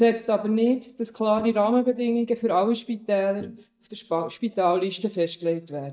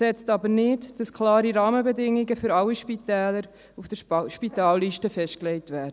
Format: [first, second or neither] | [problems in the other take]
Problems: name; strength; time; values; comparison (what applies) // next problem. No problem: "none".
second | noise reduction (neural mask model DeepFilterNet 3)